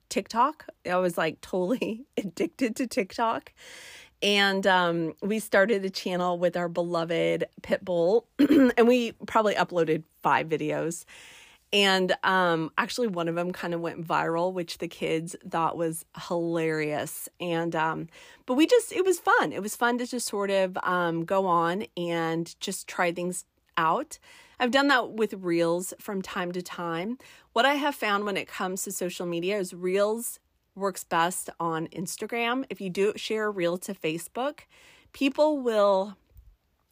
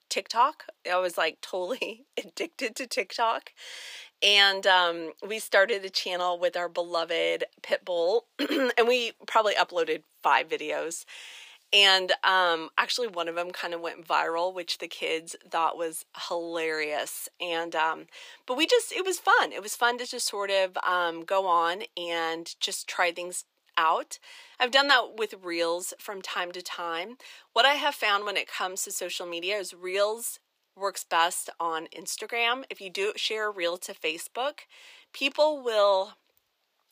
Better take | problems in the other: first | thin; somewhat; fading below 550 Hz

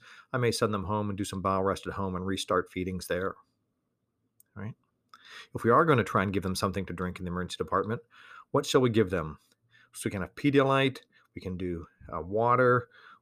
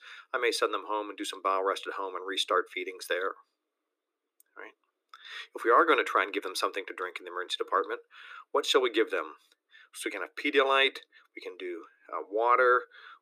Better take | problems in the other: first | thin; very; fading below 300 Hz

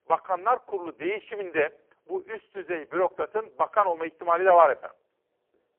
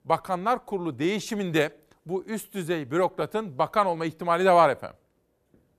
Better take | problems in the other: second | phone-call audio; poor line

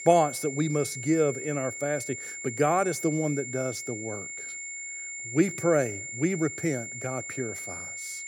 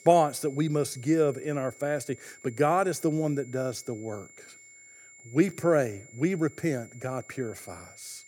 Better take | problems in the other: second | high-pitched whine; loud; throughout; 2 kHz, 7 dB below the speech; faint in the second

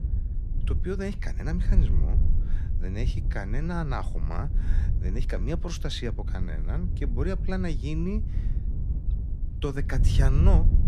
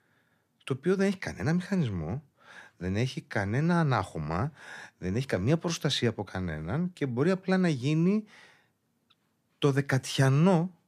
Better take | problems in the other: second | wind noise on the microphone; heavy; 9 dB below the speech

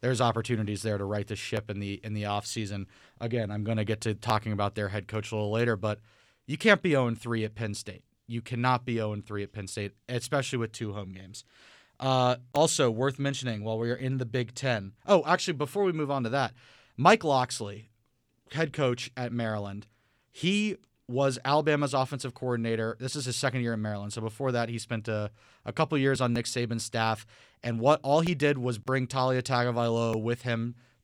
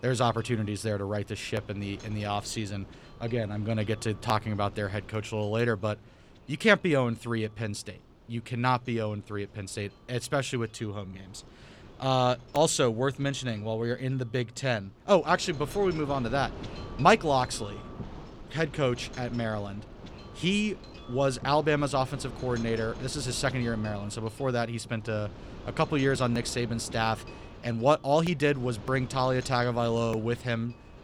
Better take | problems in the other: first | wind noise on the microphone; occasional gusts; 20 dB below the speech

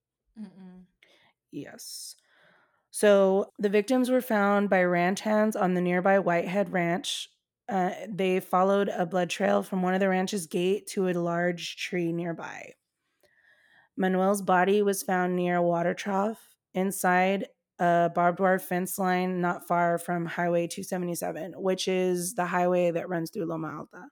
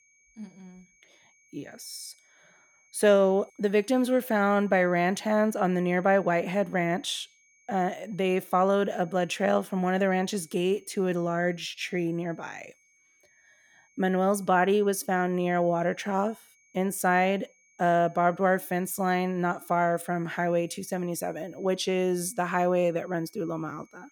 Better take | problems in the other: first | high-pitched whine; faint; throughout; 2.5 kHz, 35 dB below the speech

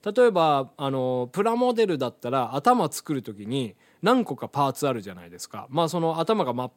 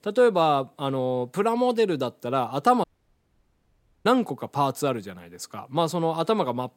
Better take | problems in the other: first | audio cutting out; at 3 s for 1 s

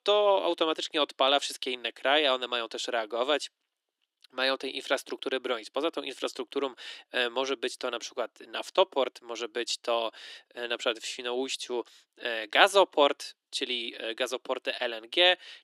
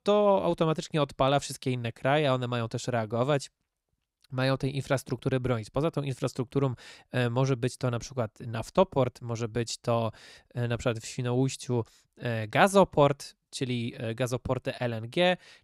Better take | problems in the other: second | thin; somewhat; fading below 300 Hz

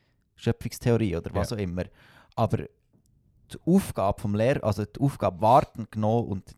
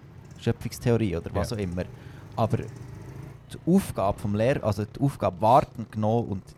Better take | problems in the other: first | traffic noise; noticeable; throughout; 20 dB below the speech

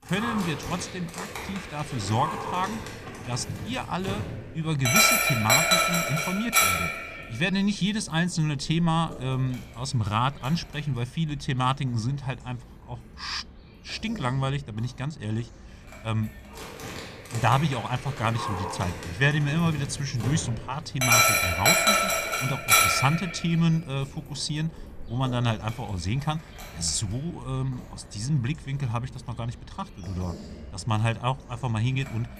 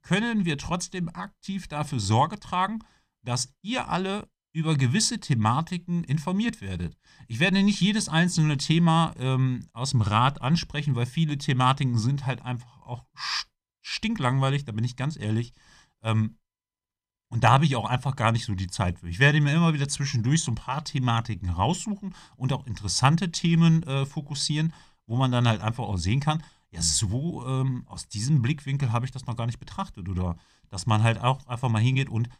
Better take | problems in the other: second | animal sounds; very loud; throughout; 4 dB above the speech

